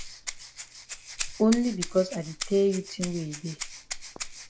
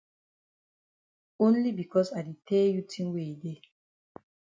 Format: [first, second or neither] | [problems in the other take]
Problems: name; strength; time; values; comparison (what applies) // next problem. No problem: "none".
second | background sound (Rattle (instrument)); 9 dB below the speech